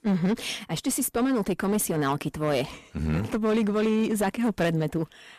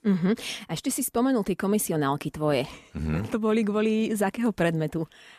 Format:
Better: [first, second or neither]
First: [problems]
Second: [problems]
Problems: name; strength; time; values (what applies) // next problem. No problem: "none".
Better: second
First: distortion; slight; 11% of the sound clipped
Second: none